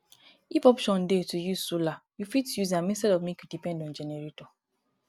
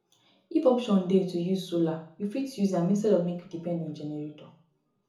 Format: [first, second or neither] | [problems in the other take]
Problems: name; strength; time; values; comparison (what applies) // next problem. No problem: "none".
first | room echo; dies away in 0.7 s